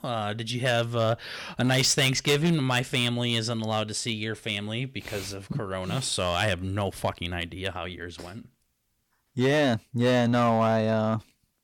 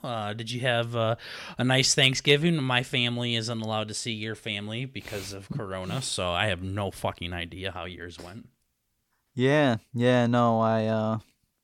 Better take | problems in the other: second | distortion; slight; 4% of the sound clipped

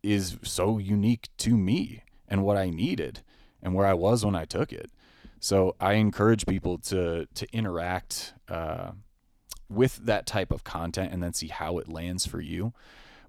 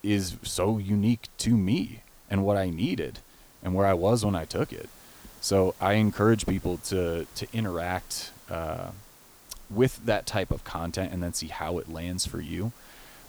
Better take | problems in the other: first | hiss; faint; throughout; 25 dB below the speech

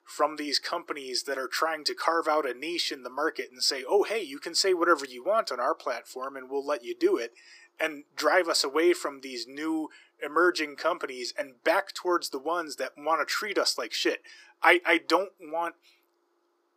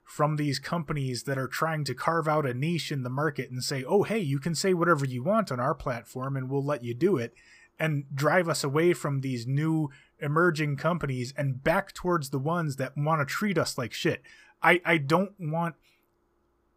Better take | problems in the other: second | thin; very; fading below 350 Hz

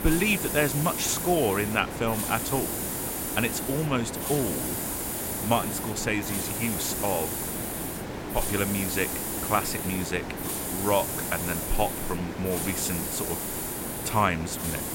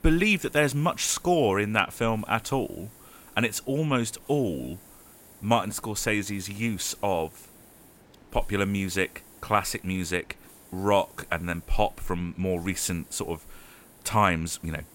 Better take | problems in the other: second | hiss; loud; throughout; 2 dB below the speech; faint in the second

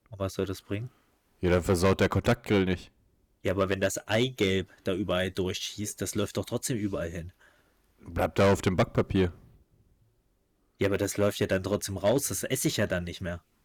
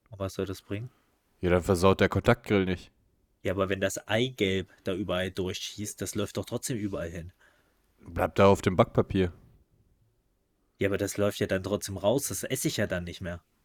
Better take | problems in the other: second | distortion; slight; 3% of the sound clipped

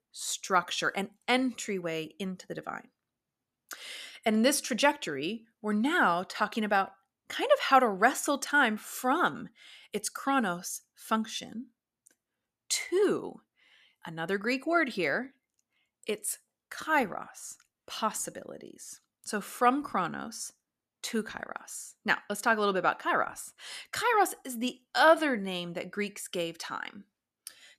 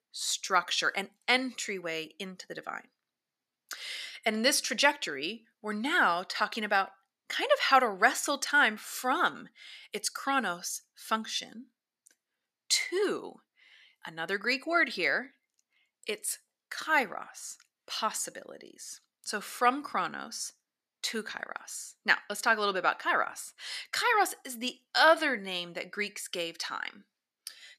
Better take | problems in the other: first | thin; very slightly; fading below 750 Hz

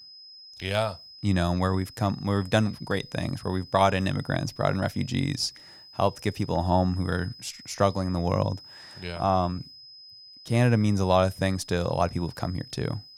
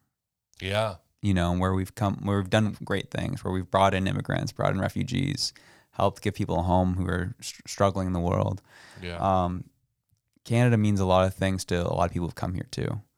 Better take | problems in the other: second | high-pitched whine; noticeable; throughout; 5 kHz, 20 dB below the speech

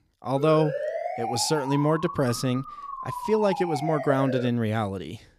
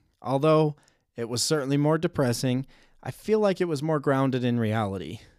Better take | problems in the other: second | siren; noticeable; until 4.5 s; peak 4 dB below the speech

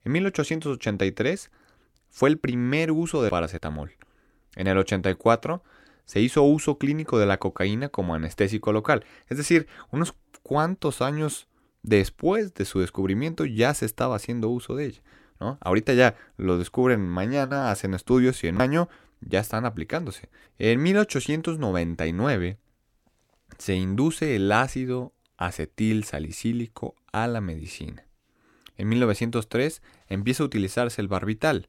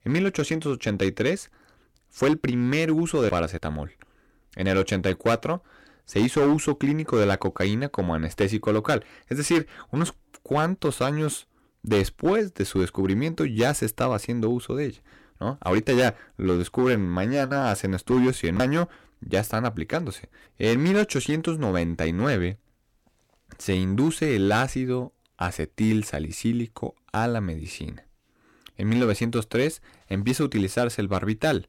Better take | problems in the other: first | distortion; slight; 5% of the sound clipped

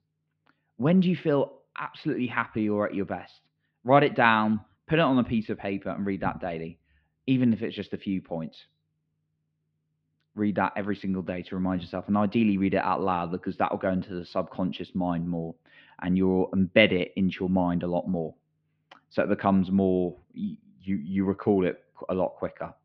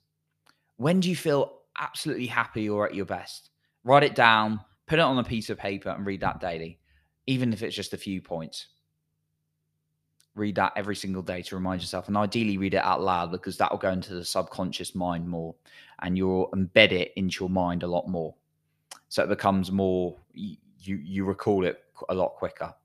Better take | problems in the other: second | muffled; slightly; fading above 3 kHz

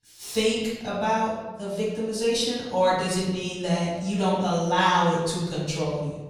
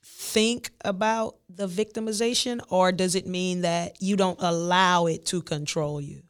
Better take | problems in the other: second | off-mic speech; far // room echo; noticeable; dies away in 1 s

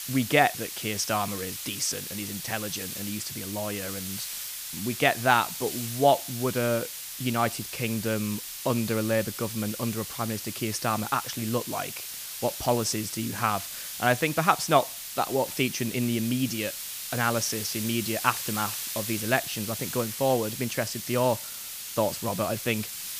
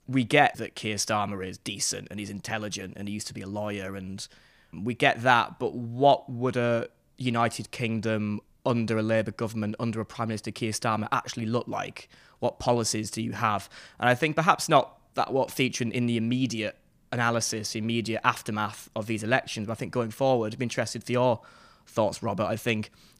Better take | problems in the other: second | hiss; loud; throughout; 6 dB below the speech

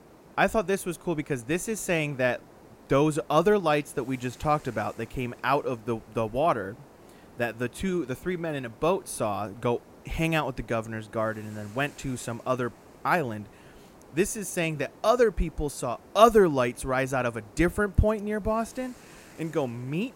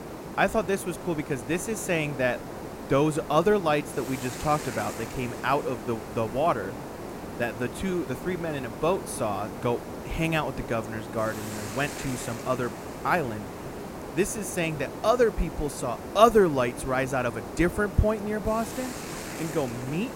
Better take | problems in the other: first | hiss; loud; throughout; 10 dB below the speech; faint in the first

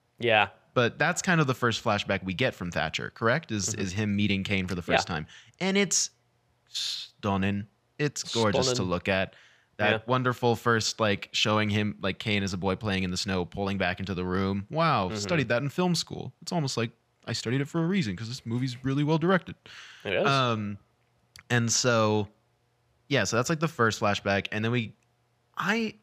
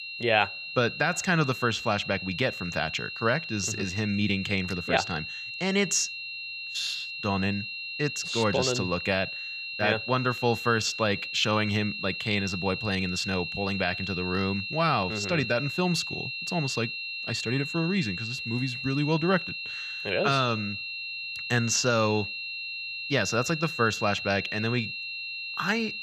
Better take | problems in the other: first | high-pitched whine; loud; throughout; 2.5 kHz, 5 dB below the speech

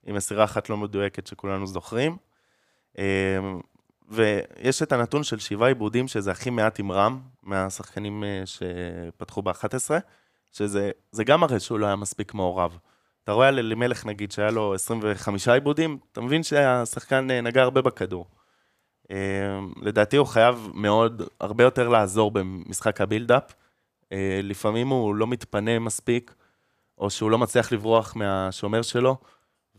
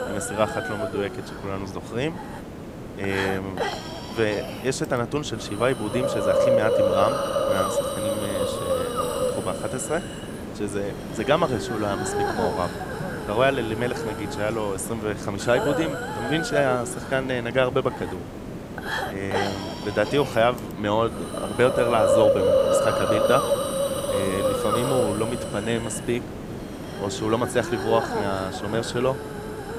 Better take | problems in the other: first | hiss; loud; throughout; 1 dB below the speech

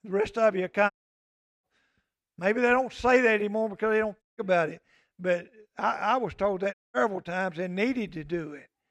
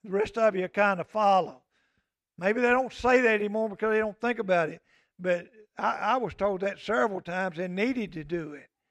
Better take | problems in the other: second | audio cutting out; at 1 s for 0.5 s, at 4 s and at 6.5 s

